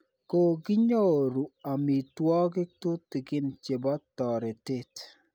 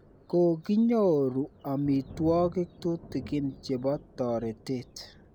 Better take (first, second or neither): first